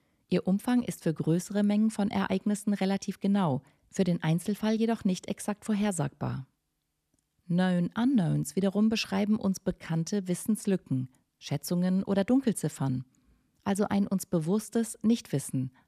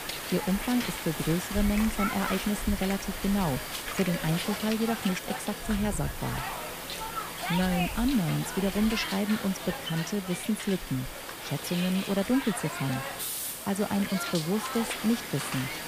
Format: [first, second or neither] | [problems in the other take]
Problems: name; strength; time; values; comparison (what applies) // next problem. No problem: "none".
first | hiss; loud; throughout; 4 dB below the speech